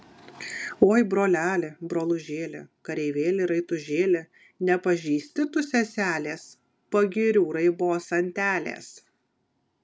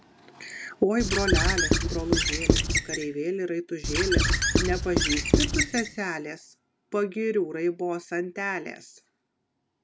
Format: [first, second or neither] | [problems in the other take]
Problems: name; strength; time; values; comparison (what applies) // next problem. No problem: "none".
first | background sound (Squeak / Writing); 4 dB above the speech